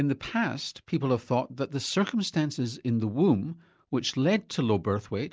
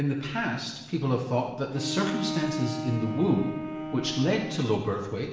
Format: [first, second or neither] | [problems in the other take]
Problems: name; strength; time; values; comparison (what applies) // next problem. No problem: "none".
first | background sound (Bowed string instrument); 7 dB below the speech // room echo; dies away in 0.9 s